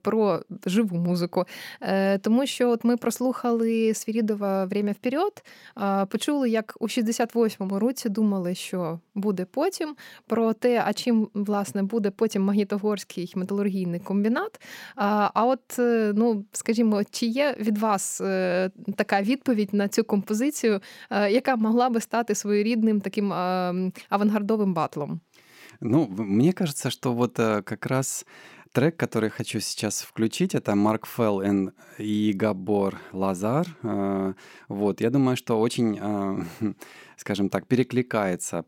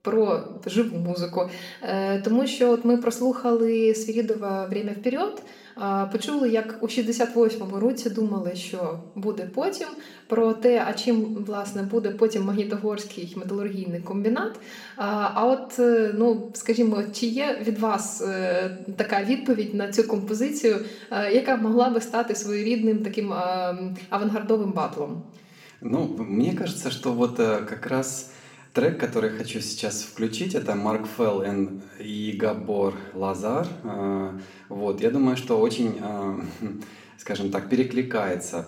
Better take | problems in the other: first | room echo; slight; dies away in 0.6 s // off-mic speech; somewhat distant

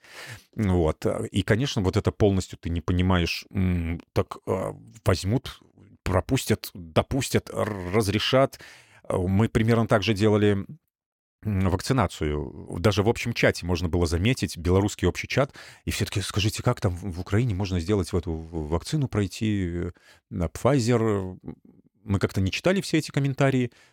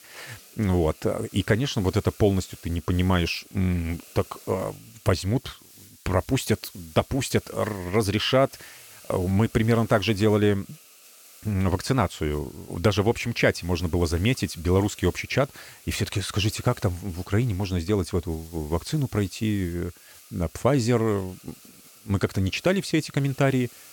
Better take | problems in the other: first | hiss; faint; throughout; 20 dB below the speech

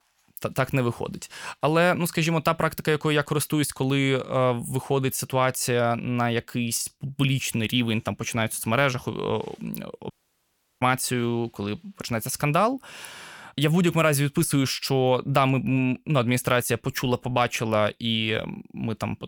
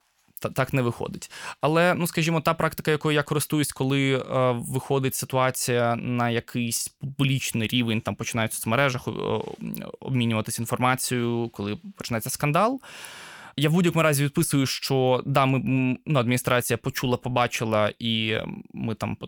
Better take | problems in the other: second | audio cutting out; at 10 s for 0.5 s

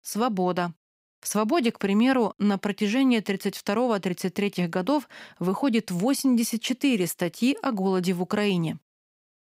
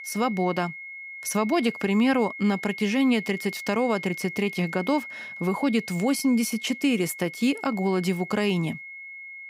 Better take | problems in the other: first | high-pitched whine; noticeable; throughout; 2 kHz, 10 dB below the speech

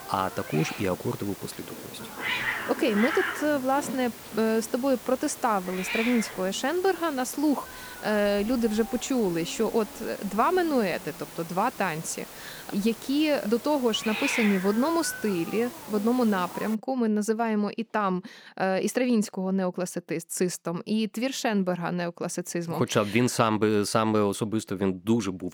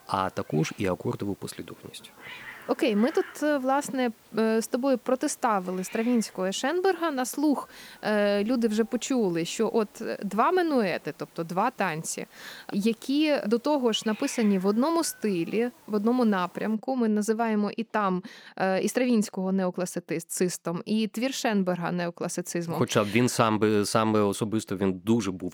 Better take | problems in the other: second | hiss; loud; until 17 s; 9 dB below the speech; faint in the second

